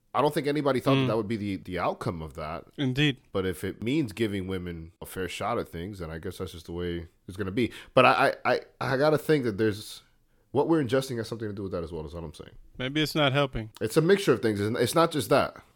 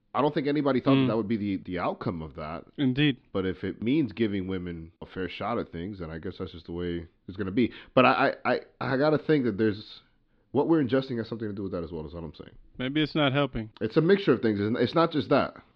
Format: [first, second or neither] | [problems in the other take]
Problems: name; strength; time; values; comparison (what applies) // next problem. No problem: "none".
first | muffled; very slightly; fading above 4 kHz